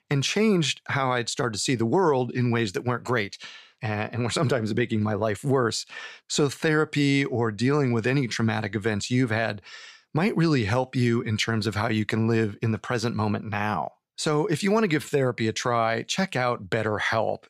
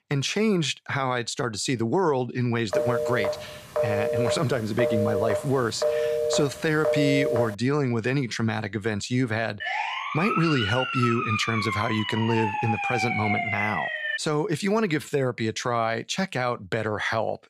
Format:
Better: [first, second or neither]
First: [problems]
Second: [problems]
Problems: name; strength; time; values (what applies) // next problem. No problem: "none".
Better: first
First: none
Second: phone ringing; loud; from 2.5 to 7.5 s; peak 2 dB above the speech // siren; loud; from 9.5 to 14 s; peak 1 dB above the speech